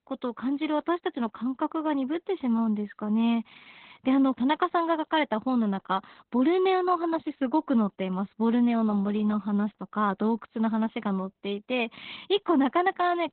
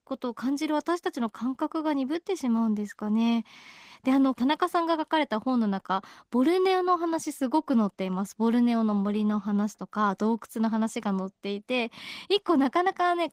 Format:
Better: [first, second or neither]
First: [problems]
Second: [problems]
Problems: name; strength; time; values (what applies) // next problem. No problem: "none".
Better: second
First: garbled, watery; badly; nothing above 4 kHz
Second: garbled, watery; slightly; nothing above 15.5 kHz